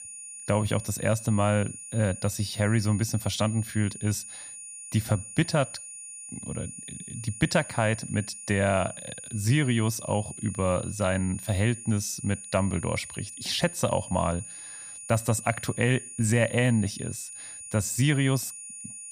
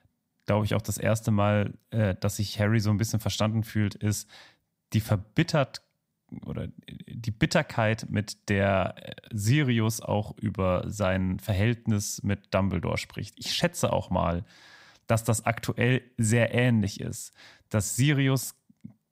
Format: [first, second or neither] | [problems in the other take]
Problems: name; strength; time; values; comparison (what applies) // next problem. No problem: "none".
second | high-pitched whine; noticeable; throughout; 9.5 kHz, 10 dB below the speech